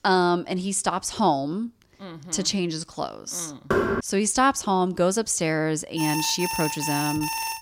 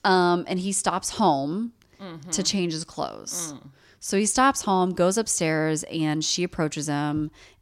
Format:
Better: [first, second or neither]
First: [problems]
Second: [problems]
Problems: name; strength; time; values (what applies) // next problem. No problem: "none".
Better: second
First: door banging; loud; at 3.5 s; peak 1 dB above the speech // alarm; noticeable; from 6 s on; peak 3 dB below the speech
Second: none